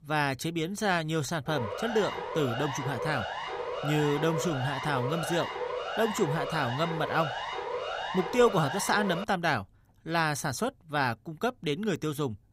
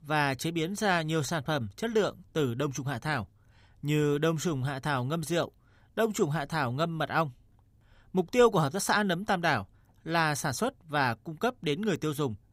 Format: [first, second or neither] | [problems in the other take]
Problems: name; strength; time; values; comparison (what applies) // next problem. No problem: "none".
second | siren; noticeable; from 1.5 to 9 s; peak 4 dB below the speech